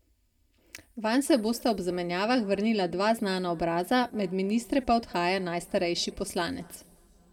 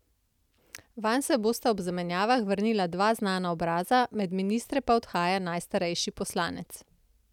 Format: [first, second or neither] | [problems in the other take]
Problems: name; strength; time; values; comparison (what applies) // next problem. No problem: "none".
second | room echo; dies away in 1.2 s